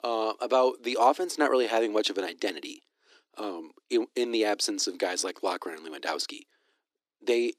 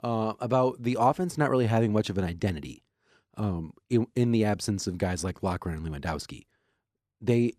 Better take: second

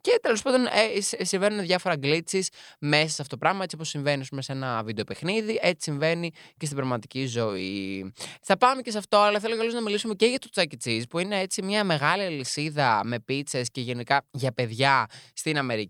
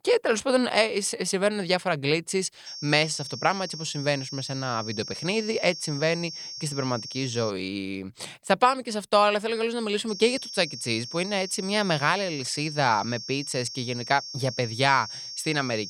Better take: first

